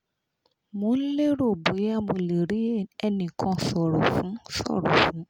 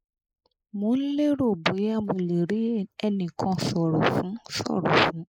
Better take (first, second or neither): first